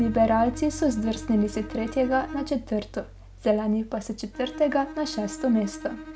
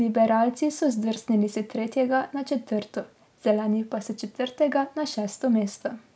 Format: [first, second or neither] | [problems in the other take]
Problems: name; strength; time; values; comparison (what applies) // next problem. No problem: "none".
second | background sound (Bowed string instrument + Bass guitar); 13 dB below the speech